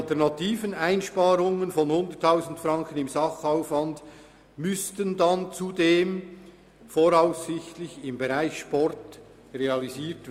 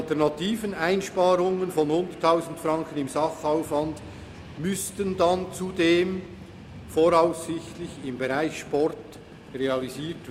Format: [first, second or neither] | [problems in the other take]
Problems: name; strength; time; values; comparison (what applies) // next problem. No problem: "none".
first | background sound (Train); 18 dB below the speech